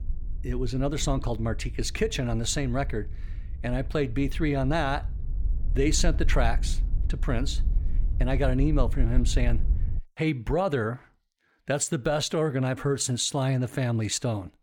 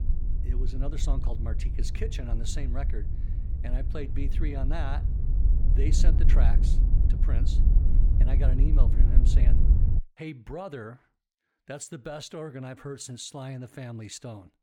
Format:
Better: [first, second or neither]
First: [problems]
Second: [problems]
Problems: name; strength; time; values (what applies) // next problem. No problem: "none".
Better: first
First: wind noise on the microphone; occasional gusts; until 10 s; 20 dB below the speech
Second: wind noise on the microphone; heavy; until 10 s; 5 dB below the speech